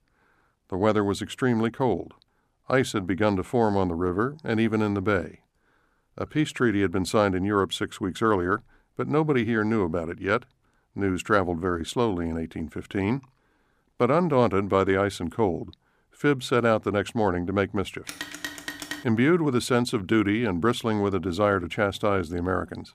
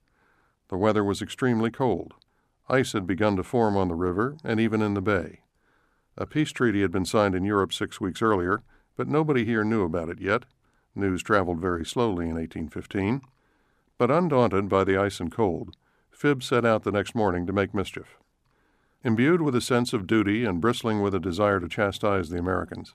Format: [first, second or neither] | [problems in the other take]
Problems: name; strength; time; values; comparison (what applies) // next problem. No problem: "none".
second | phone ringing; noticeable; at 18 s; peak 9 dB below the speech